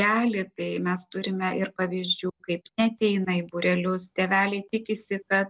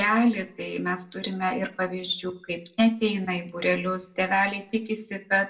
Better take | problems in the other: first | room echo; dies away in 0.3 s

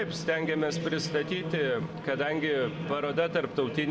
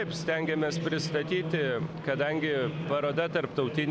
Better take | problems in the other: second | room echo; dies away in 1.8 s

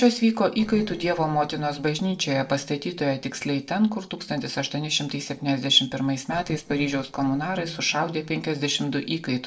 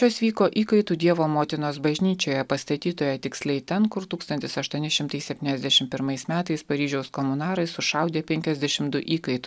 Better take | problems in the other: second | noise reduction (neural separator model SepFormer DNS4)

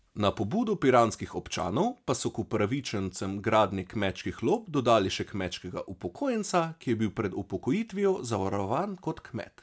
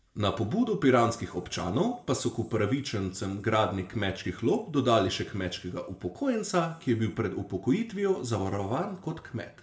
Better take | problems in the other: first | room echo; dies away in 0.9 s

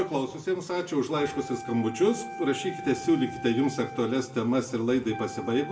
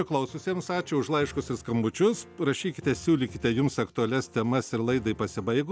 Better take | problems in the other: second | background sound (Wind instrument, woodwind instrument); 14 dB below the speech // room echo; dies away in 0.7 s

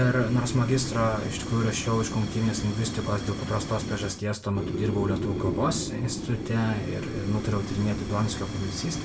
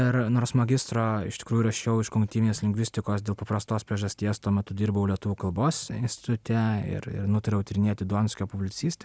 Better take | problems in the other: second | background sound (Fire); 5 dB below the speech // room echo; dies away in 0.2 s

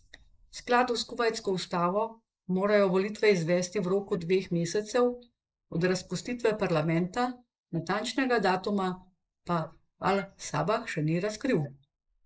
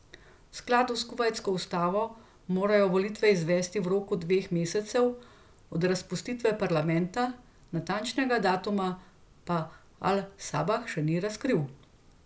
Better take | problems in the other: second | noise reduction (neural mask model Resemble Enhance denoiser)

